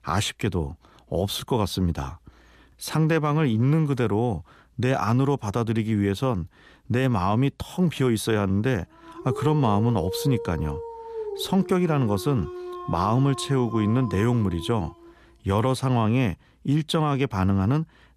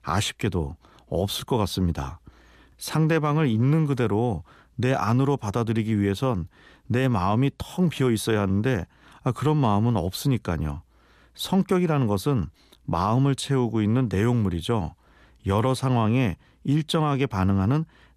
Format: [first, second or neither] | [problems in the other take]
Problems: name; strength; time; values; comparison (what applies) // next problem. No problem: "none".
second | dog barking; noticeable; from 9 to 15 s; peak 7 dB below the speech